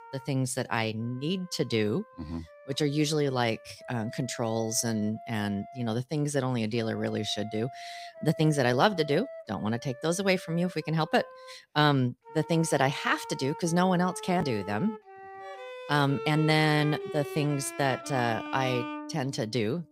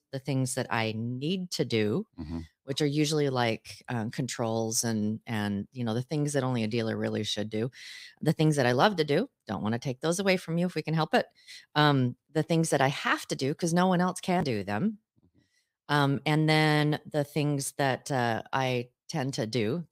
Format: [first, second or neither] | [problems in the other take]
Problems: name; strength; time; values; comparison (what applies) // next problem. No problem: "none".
second | background music; noticeable; throughout; 15 dB below the speech